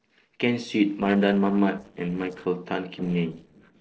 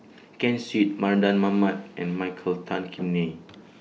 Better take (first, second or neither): second